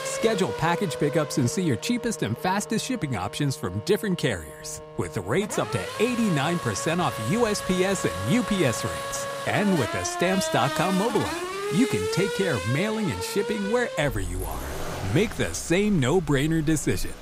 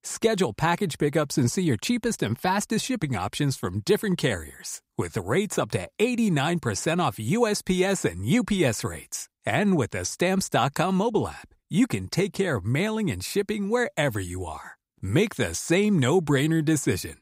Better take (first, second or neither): second